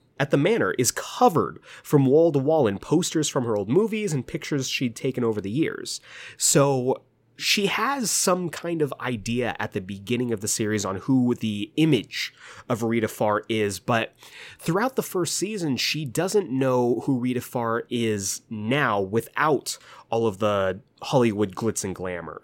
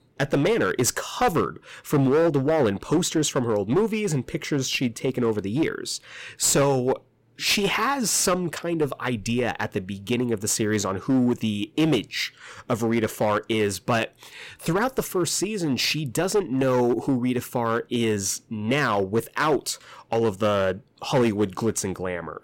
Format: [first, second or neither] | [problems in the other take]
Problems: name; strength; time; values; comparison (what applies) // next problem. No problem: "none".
first | distortion; slight; 7% of the sound clipped